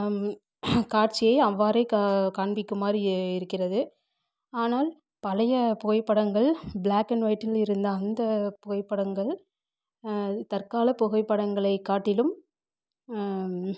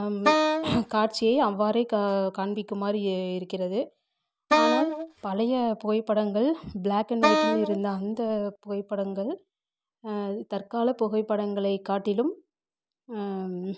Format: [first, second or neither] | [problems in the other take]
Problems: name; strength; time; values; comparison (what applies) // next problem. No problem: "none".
first | background sound (Wind instrument, woodwind instrument); 1 dB above the speech